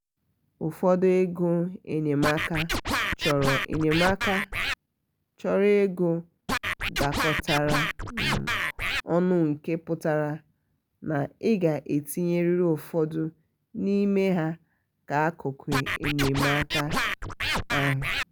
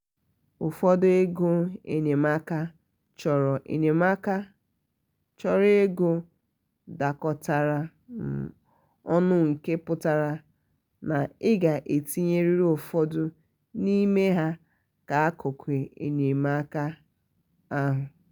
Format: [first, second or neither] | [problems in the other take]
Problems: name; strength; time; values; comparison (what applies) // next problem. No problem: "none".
second | background sound (Scratching (performance technique)); 1 dB below the speech